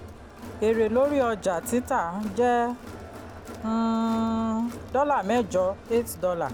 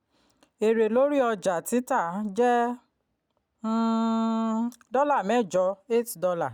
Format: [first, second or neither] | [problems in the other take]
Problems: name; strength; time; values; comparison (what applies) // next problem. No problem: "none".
second | background sound (Crowd); 14 dB below the speech